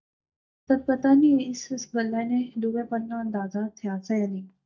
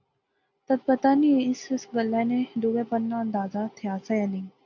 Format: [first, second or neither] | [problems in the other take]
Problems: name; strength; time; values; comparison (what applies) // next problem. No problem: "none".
second | noise reduction (neural mask model DeepFilterNet 3)